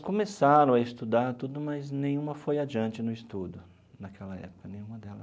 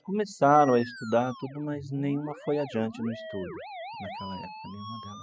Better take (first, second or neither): first